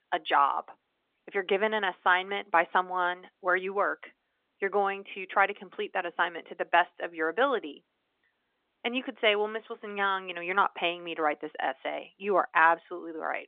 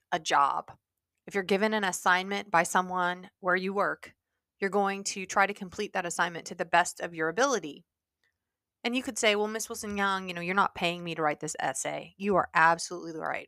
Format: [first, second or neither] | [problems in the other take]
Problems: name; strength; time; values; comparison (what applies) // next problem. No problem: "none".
second | phone-call audio; nothing above 3 kHz